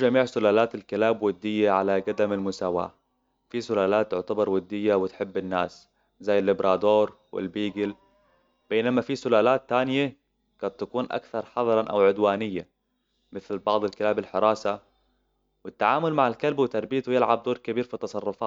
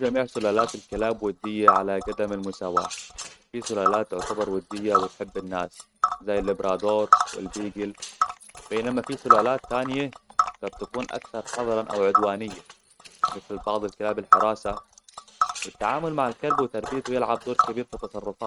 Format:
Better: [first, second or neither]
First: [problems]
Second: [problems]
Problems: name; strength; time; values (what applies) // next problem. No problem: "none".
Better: first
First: none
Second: noise reduction (neural mask model RNNoise)